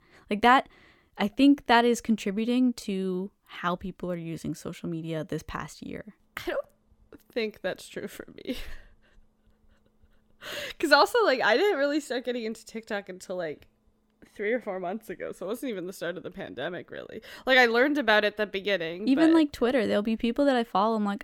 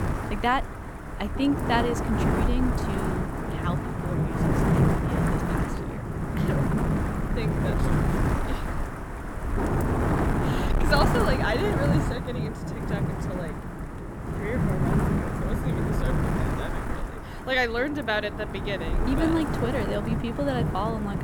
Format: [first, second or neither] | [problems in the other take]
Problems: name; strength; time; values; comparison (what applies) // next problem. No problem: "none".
first | wind noise on the microphone; heavy; 2 dB below the speech